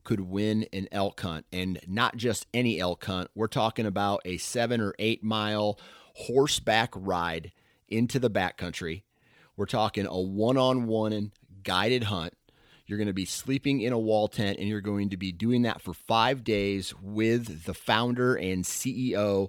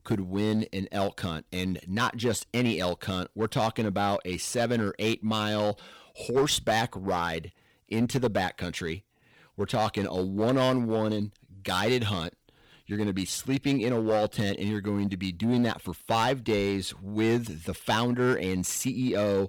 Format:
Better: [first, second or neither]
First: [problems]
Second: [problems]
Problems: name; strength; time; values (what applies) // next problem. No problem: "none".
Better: first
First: none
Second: distortion; slight; 5% of the sound clipped